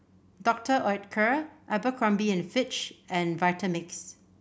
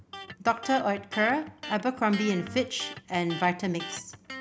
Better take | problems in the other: first | background sound (Electric guitar); 13 dB below the speech

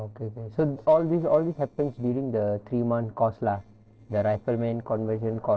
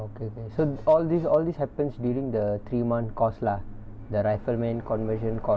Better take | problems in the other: second | noise reduction (neural separator model SepFormer DNS4)

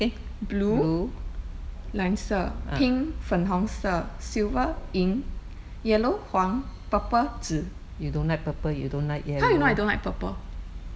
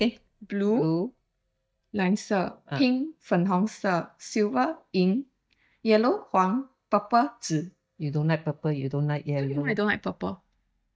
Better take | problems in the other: first | noise reduction (neural mask model DeepFilterNet 3)

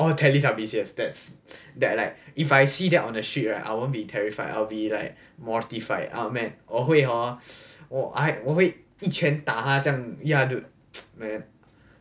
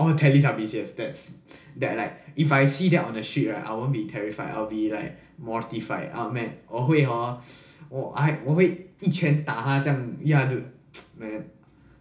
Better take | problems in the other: first | room echo; dies away in 0.4 s

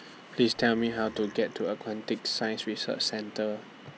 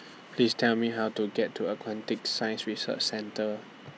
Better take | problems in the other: second | background sound (Burping, eructation); 20 dB below the speech

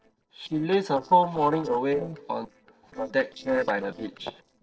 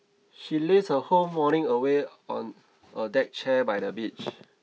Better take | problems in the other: second | noise reduction (neural separator model SepFormer DNS4)

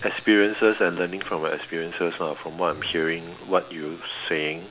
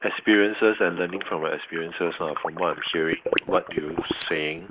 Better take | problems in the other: first | noise reduction (neural mask model Resemble Enhance denoiser)

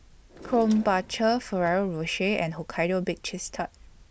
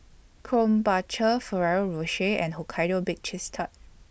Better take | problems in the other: second | background sound (Drawer open or close); 19 dB below the speech

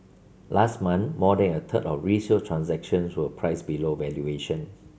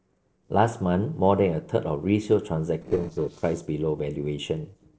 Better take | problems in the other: first | noise reduction (neural separator model SepFormer DNS4)

